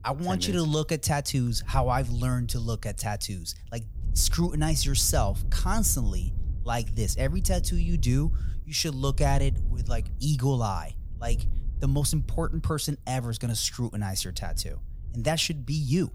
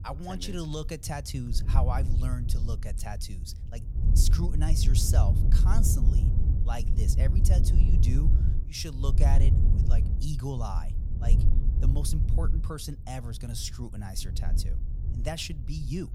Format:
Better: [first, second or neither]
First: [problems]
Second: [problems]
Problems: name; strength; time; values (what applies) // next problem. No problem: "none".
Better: first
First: wind noise on the microphone; occasional gusts; 20 dB below the speech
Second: wind noise on the microphone; heavy; 5 dB below the speech